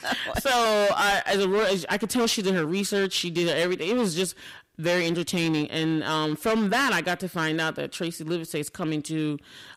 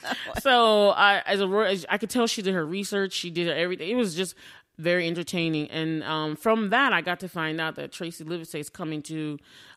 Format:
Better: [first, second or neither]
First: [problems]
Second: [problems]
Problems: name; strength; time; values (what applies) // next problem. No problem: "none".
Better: second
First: distortion; heavy; 15% of the sound clipped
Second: none